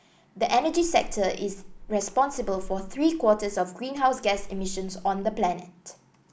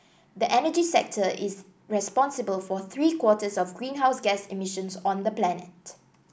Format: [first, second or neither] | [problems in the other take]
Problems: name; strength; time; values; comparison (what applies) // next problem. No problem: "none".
second | background sound (Splash, splatter); 12 dB below the speech